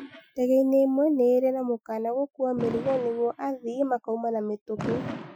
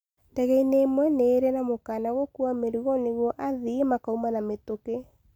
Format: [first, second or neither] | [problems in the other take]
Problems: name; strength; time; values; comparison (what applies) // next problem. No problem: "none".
second | noise reduction (classical method Wiener filter)